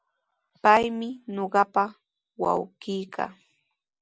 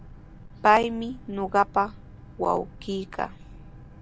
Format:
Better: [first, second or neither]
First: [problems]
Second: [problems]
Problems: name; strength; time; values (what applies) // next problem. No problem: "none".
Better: first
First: none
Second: background sound (Boat, Water vehicle); 17 dB below the speech